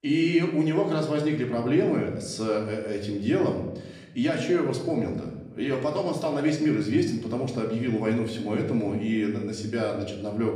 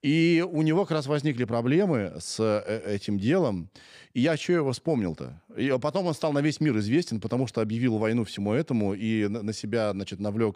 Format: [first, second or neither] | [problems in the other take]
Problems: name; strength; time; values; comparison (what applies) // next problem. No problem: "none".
second | room echo; slight; dies away in 0.8 s // off-mic speech; far